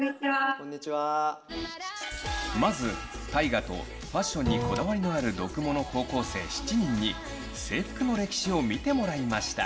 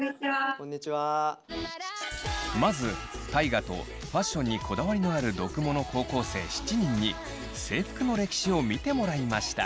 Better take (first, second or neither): second